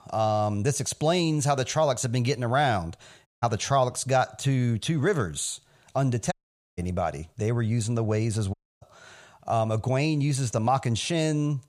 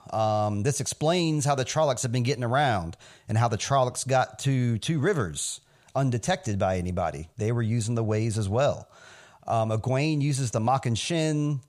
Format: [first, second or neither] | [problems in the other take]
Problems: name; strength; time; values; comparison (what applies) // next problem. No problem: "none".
second | audio cutting out; at 3.5 s, at 6.5 s and at 8.5 s